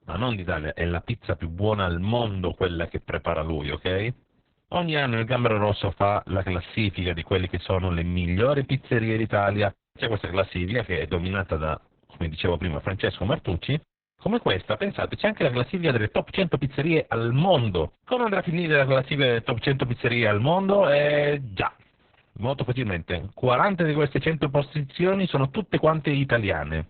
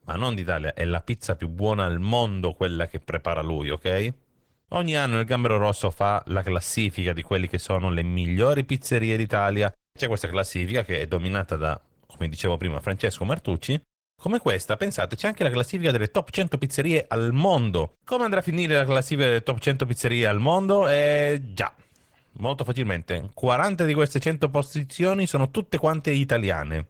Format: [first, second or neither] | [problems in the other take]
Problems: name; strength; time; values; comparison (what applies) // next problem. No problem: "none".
second | garbled, watery; badly; nothing above 4 kHz; slightly in the second